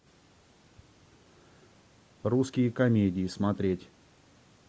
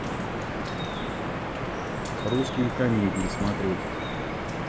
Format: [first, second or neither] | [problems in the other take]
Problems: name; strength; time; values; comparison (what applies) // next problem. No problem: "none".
first | background sound (Drip); as loud as the speech